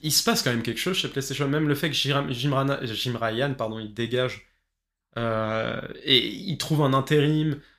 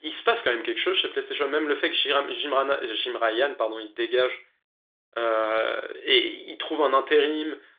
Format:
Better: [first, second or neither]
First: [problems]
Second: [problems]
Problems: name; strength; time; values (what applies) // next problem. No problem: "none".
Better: first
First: none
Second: phone-call audio